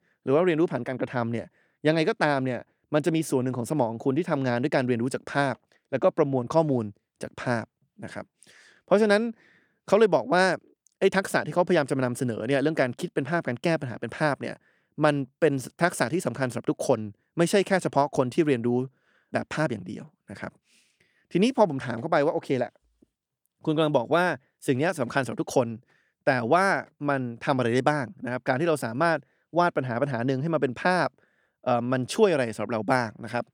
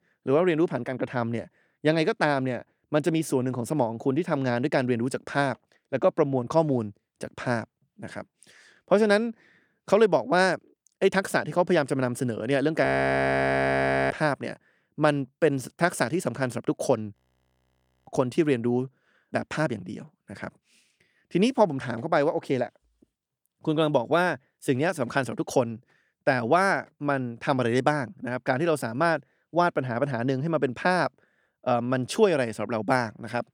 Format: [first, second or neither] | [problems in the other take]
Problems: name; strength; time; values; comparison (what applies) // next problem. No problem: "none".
first | audio freezing; at 13 s for 1.5 s and at 17 s for 1 s